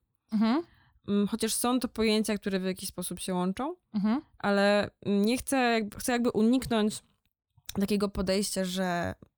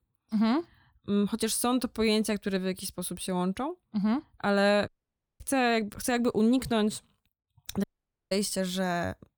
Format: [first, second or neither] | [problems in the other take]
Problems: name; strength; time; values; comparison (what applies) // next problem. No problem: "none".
first | audio cutting out; at 5 s for 0.5 s and at 8 s